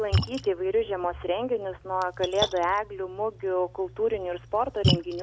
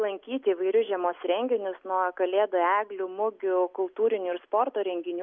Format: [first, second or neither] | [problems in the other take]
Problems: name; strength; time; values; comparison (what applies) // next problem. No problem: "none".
second | background sound (Splash, splatter); 4 dB below the speech